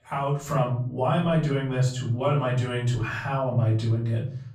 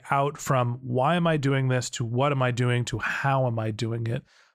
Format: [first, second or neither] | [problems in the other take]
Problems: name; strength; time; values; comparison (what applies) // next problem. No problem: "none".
second | off-mic speech; far // room echo; noticeable; dies away in 0.6 s